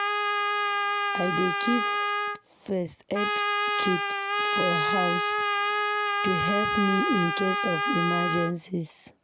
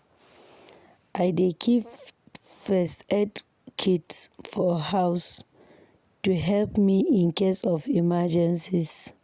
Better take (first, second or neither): second